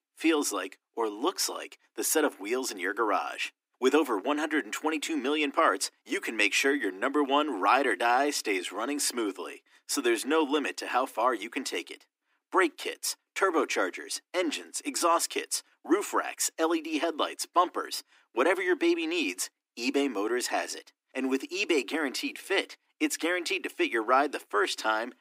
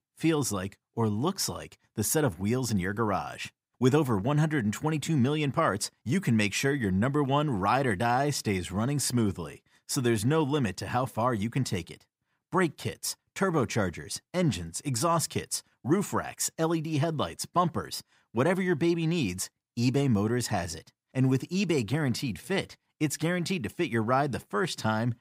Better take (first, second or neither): second